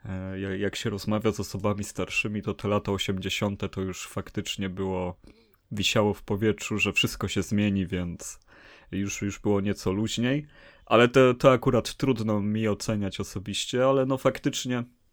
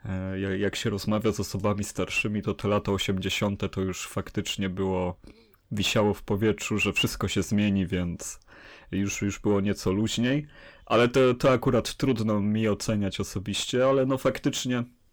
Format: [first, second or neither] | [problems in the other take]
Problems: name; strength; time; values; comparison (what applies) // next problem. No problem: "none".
first | distortion; slight; 10 dB below the speech